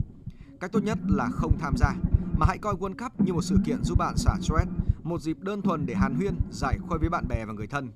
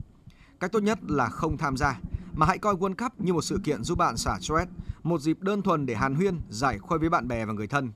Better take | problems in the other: second | low rumble; loud; throughout; 7 dB below the speech; faint in the second

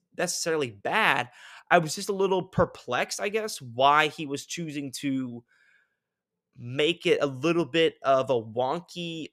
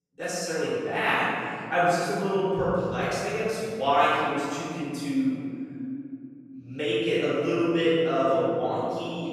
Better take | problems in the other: first | off-mic speech; far // room echo; strong; dies away in 2.9 s

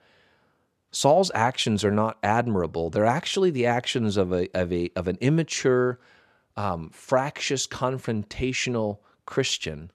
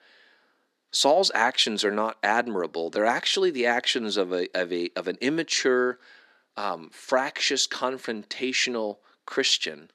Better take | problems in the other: first | thin; very slightly; fading below 250 Hz

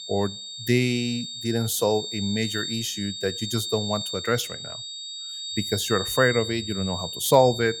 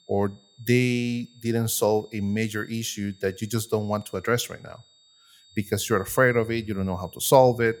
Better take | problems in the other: second | high-pitched whine; loud; throughout; 3.5 kHz, 6 dB below the speech; faint in the second

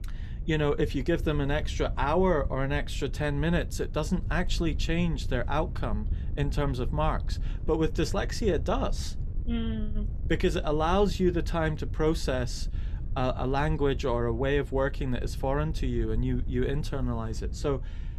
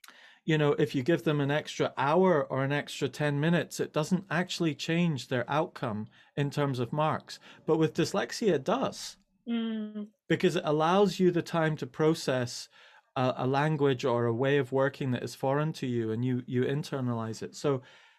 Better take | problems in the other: second | wind noise on the microphone; occasional gusts; 20 dB below the speech

